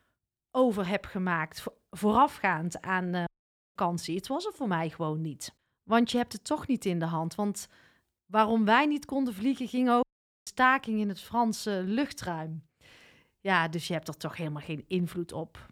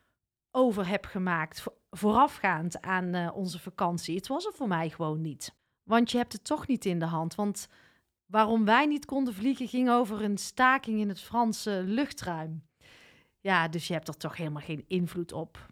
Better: second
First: audio cutting out; at 3.5 s and at 10 s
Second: none

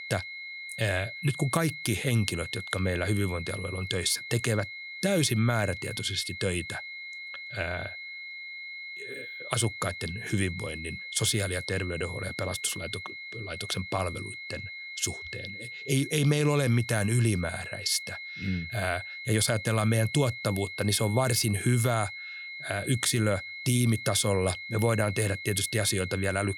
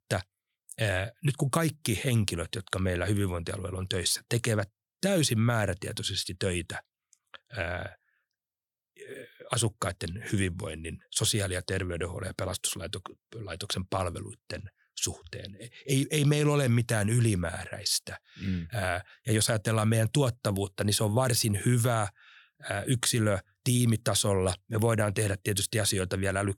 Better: second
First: high-pitched whine; loud; throughout; 2 kHz, 9 dB below the speech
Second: none

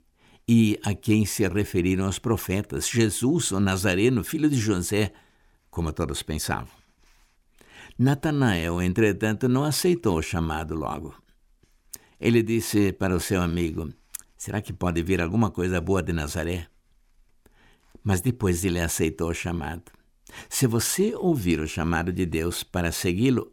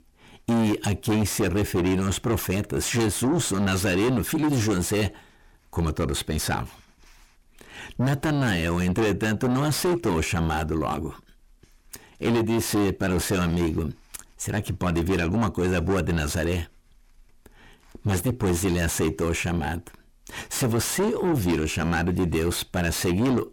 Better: first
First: none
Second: distortion; heavy; 6 dB below the speech

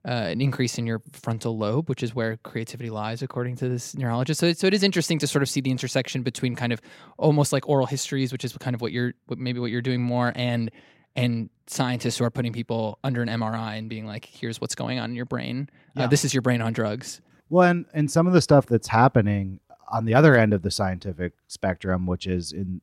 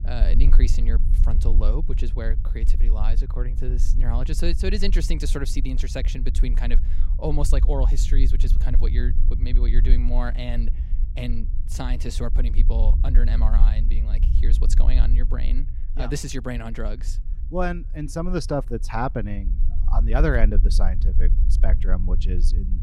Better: first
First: none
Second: low rumble; noticeable; throughout; 10 dB below the speech

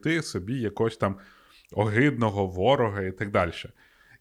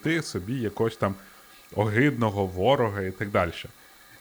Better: first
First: none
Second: hiss; faint; throughout; 25 dB below the speech

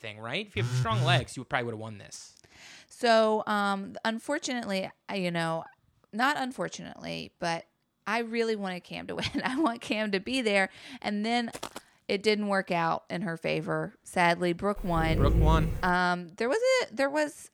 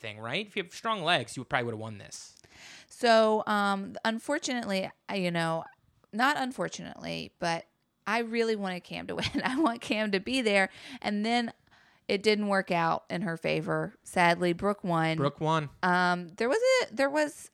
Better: second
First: phone ringing; loud; at 0.5 s; peak 1 dB above the speech // footsteps; faint; at 12 s; peak 10 dB below the speech // dog barking; loud; from 15 to 16 s; peak 4 dB above the speech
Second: none

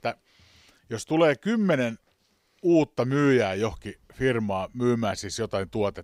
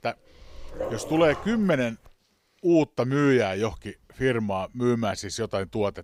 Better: first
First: none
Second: dog barking; noticeable; until 1.5 s; peak 9 dB below the speech

